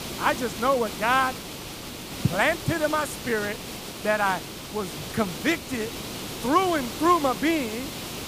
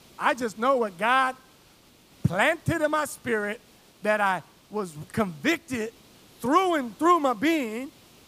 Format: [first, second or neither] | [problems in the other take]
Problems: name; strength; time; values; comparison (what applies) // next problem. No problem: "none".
second | hiss; loud; throughout; 9 dB below the speech; faint in the second